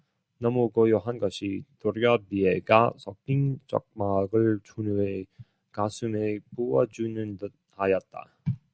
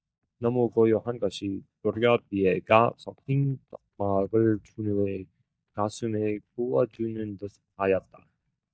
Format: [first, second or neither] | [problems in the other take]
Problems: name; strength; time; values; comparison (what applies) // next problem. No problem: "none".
first | noise reduction (neural mask model DeepFilterNet 3)